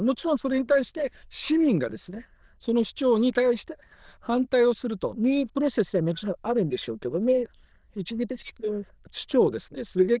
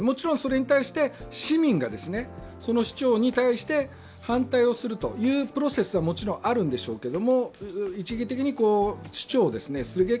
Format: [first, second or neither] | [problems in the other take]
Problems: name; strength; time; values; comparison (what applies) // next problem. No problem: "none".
second | noise reduction (neural diffusion model UNIVERSE++)